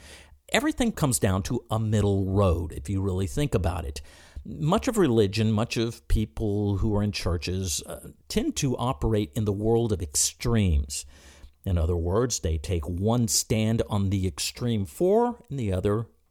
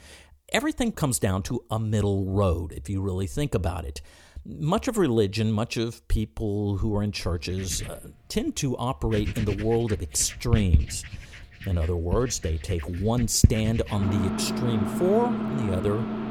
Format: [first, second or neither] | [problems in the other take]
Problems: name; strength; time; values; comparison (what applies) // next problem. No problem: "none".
first | household noises; loud; from 7.5 s on; 4 dB below the speech